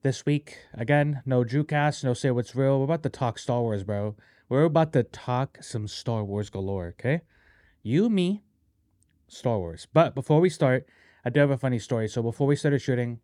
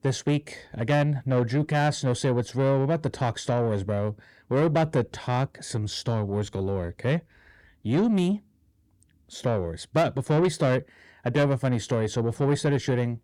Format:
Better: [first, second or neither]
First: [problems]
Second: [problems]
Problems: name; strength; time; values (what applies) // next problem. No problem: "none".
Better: first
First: none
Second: distortion; slight; 10 dB below the speech